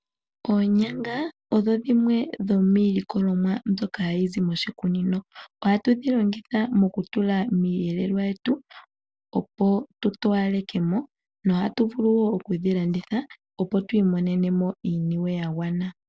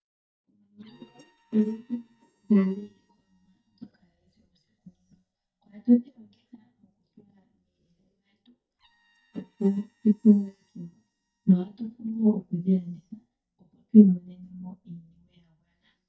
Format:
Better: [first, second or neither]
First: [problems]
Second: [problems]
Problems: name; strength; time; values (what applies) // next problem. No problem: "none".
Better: first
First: none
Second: noise reduction (neural mask model DeepFilterNet 3)